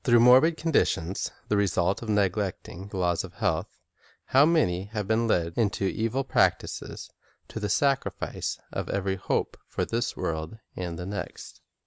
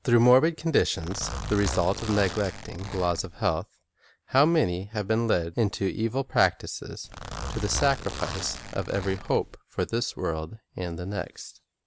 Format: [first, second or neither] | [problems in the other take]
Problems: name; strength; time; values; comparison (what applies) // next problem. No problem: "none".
first | background sound (Zipper (clothing)); 8 dB below the speech